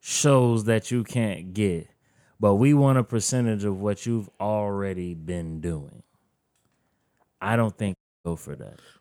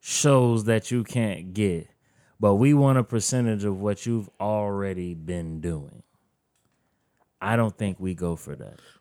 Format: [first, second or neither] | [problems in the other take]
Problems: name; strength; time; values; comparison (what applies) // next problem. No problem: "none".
second | audio cutting out; at 8 s